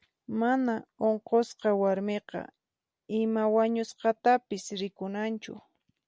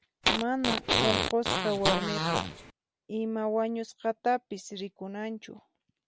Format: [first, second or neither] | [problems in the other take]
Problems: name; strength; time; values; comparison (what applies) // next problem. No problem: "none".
first | background sound (Fart); 3 dB above the speech